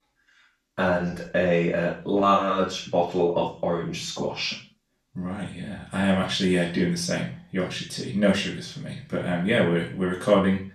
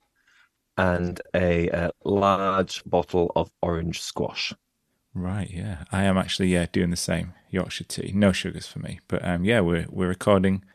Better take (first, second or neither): second